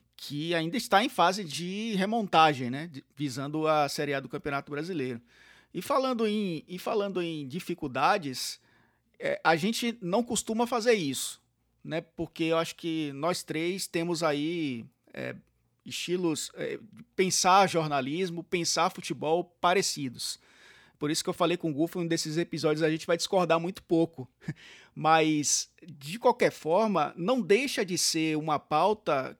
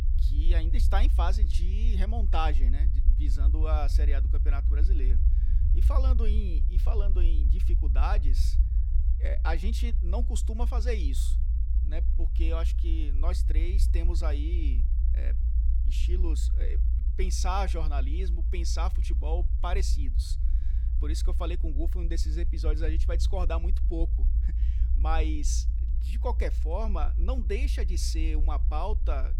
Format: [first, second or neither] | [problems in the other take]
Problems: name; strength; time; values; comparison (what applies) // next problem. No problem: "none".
first | low rumble; noticeable; throughout; 10 dB below the speech